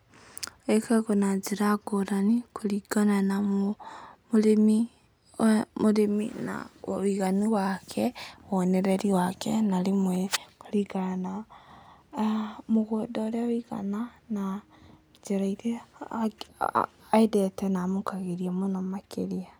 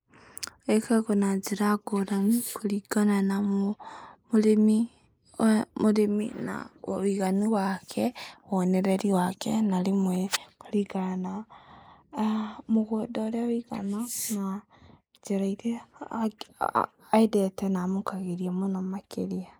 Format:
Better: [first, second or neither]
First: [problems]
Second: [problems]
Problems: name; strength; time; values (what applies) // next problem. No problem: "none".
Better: first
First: none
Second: noise reduction (neural mask model Resemble Enhance denoiser)